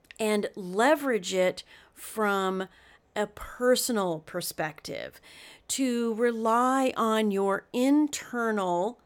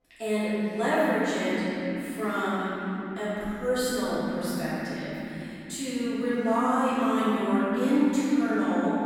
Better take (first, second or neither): first